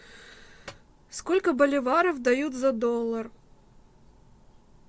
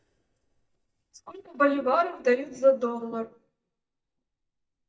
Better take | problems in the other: first | noise reduction (neural mask model DeepFilterNet 3)

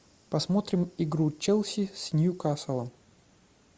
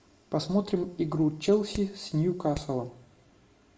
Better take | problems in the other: first | background sound (Hammer); 12 dB below the speech // room echo; dies away in 0.5 s

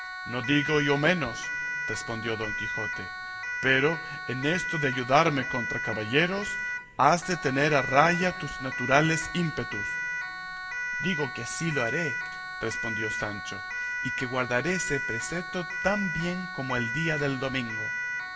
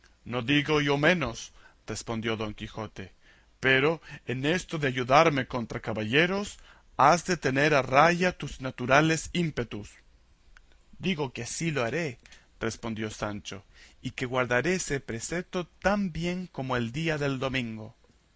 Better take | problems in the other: second | background sound (Siren); 5 dB below the speech // room echo; dies away in 1.9 s

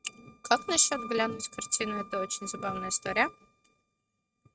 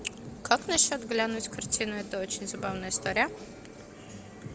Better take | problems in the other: second | noise reduction (neural mask model RNNoise)

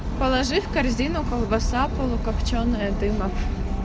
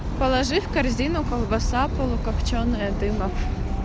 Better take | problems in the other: second | room echo; dies away in 1.7 s

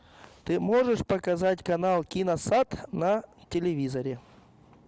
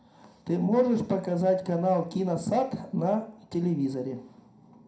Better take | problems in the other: first | room echo; dies away in 0.4 s

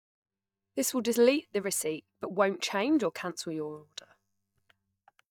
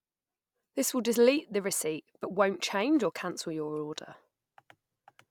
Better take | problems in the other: second | noise reduction (neural mask model DeepFilterNet 3)

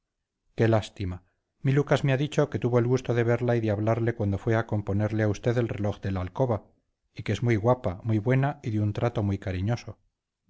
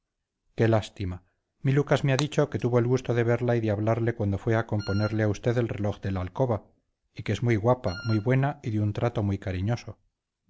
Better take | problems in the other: first | background sound (Wind instrument, woodwind instrument + Shatter); 17 dB below the speech

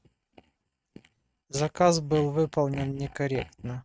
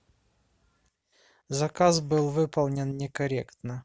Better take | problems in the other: second | noise reduction (neural mask model RNNoise)

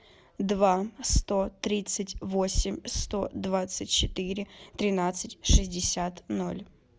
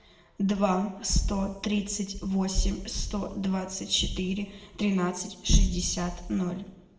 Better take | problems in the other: first | room echo; dies away in 0.8 s

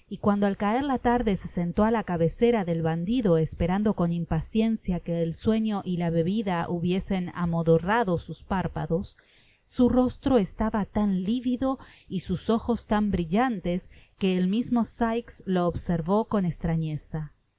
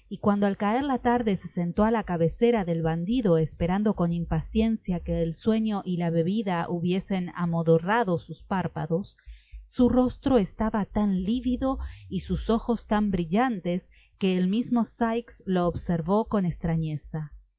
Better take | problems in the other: first | noise reduction (classical method log-MMSE)

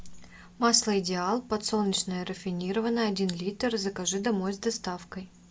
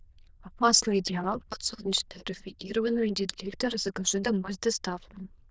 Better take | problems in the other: first | noise reduction (neural diffusion model UNIVERSE++)

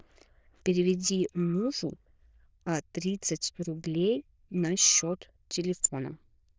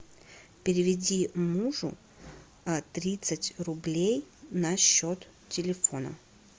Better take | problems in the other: second | noise reduction (neural diffusion model UNIVERSE++)

